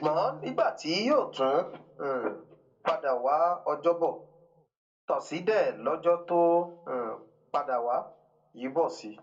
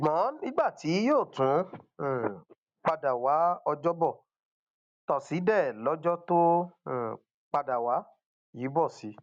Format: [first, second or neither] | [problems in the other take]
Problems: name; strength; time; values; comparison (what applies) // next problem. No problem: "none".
second | room echo; dies away in 0.2 s